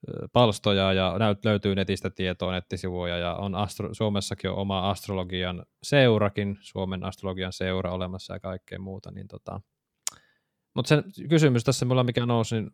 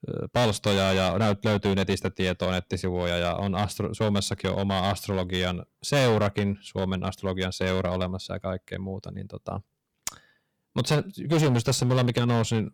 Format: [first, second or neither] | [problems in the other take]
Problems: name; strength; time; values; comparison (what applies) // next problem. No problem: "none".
first | distortion; heavy; 9% of the sound clipped